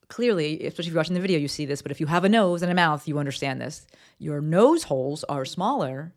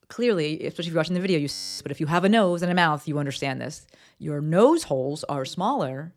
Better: first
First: none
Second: audio freezing; at 1.5 s

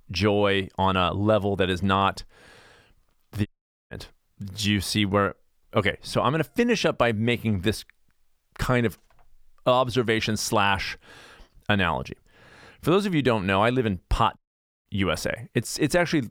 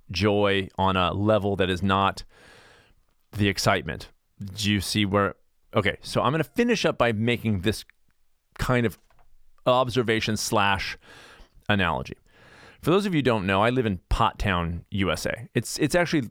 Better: second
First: audio cutting out; at 3.5 s and at 14 s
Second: none

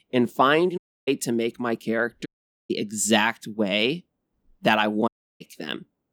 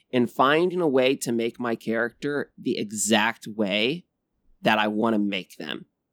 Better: second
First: audio cutting out; at 1 s, at 2.5 s and at 5 s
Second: none

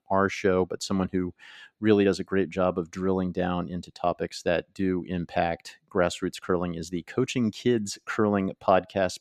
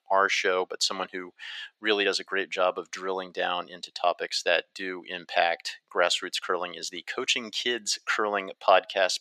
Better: first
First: none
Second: thin; very; fading below 650 Hz

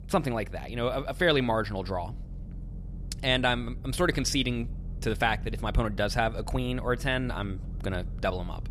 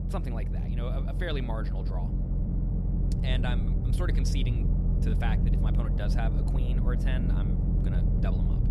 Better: first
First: low rumble; faint; throughout; 25 dB below the speech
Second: low rumble; loud; throughout; 2 dB below the speech

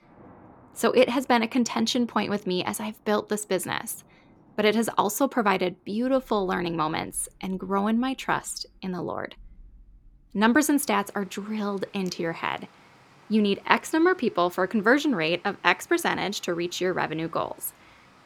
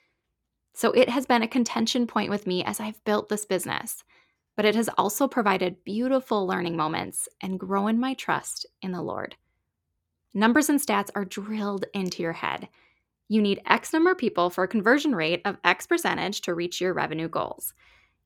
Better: second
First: rain or running water; faint; throughout; 30 dB below the speech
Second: none

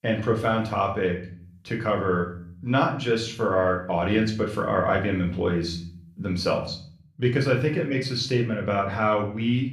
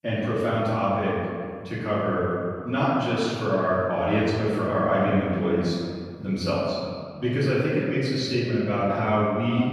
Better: first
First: room echo; slight; dies away in 0.5 s // off-mic speech; somewhat distant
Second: room echo; strong; dies away in 2 s // off-mic speech; far

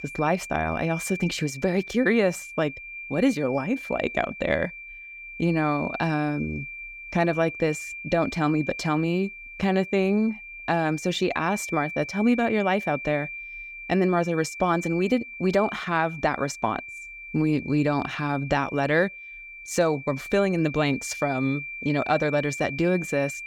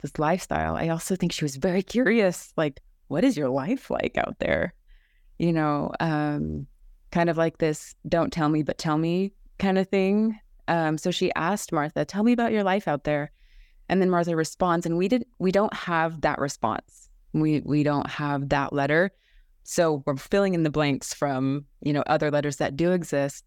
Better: second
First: high-pitched whine; noticeable; throughout; 2.5 kHz, 10 dB below the speech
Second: none

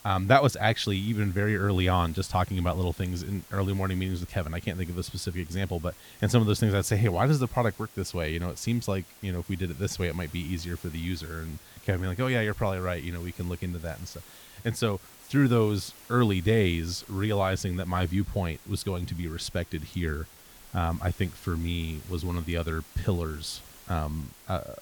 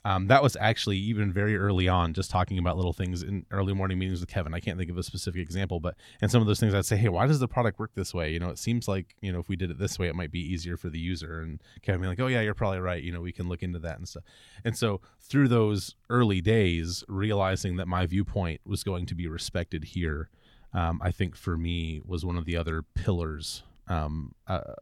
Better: second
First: hiss; noticeable; throughout; 20 dB below the speech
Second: none

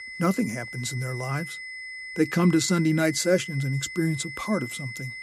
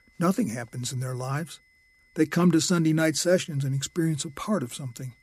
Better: second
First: high-pitched whine; loud; throughout; 2 kHz, 10 dB below the speech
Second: high-pitched whine; faint; throughout; 2 kHz, 35 dB below the speech

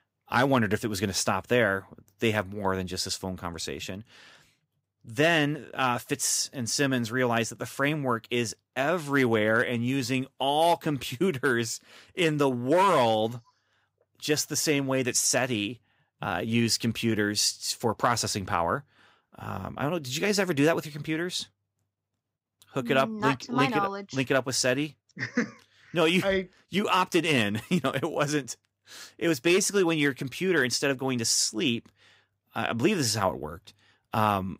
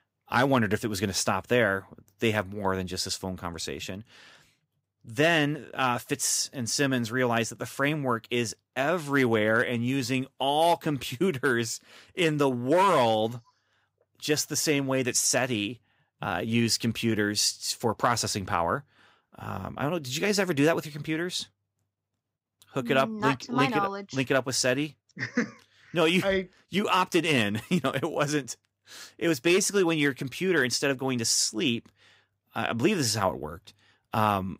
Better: neither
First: none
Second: none

